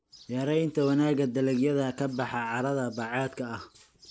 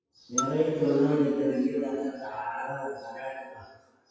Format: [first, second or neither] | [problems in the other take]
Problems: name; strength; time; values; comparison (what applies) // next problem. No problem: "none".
first | noise reduction (classical method WPE with log-MMSE)